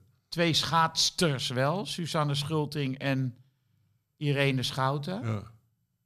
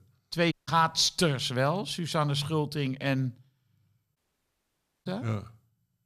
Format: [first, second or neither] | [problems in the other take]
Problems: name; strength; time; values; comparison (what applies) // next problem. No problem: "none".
first | audio cutting out; at 0.5 s and at 4 s for 1 s